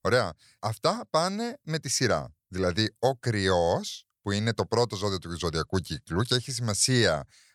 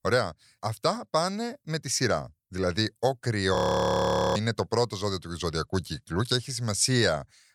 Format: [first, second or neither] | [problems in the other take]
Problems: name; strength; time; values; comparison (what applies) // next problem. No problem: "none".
first | audio freezing; at 3.5 s for 1 s